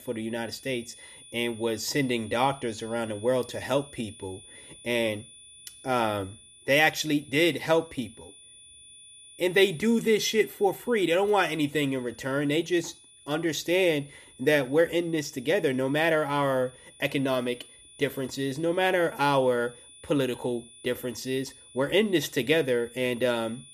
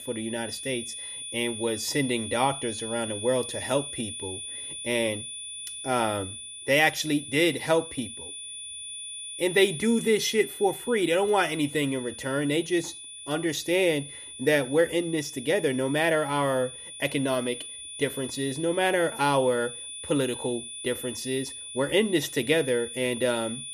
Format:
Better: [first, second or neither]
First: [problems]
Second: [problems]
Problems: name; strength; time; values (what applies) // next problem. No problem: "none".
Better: first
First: high-pitched whine; faint; throughout; 9.5 kHz, 20 dB below the speech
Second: high-pitched whine; loud; throughout; 9.5 kHz, 10 dB below the speech